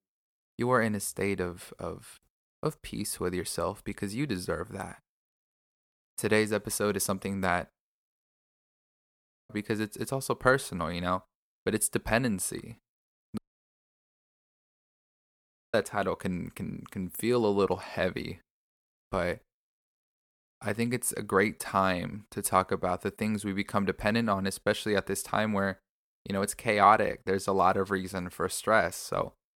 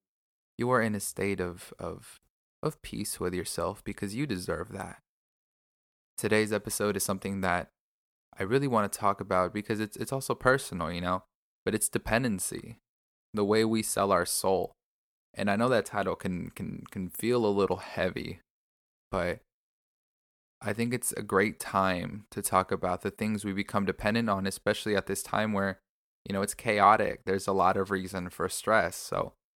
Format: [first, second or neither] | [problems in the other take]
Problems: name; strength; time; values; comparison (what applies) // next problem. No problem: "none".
second | audio cutting out; at 8 s for 1.5 s and at 13 s for 2.5 s